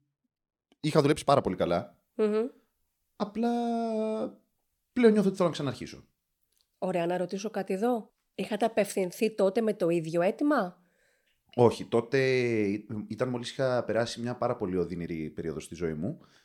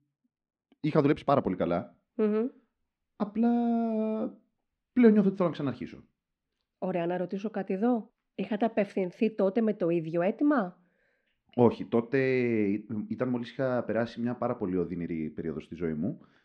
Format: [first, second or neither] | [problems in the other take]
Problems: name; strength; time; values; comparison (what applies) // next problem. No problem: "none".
first | muffled; slightly; fading above 2.5 kHz